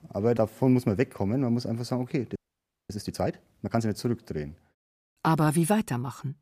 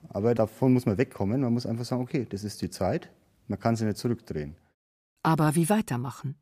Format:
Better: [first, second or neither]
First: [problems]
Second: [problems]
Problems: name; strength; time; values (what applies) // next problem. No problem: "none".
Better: second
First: audio freezing; at 2.5 s for 0.5 s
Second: none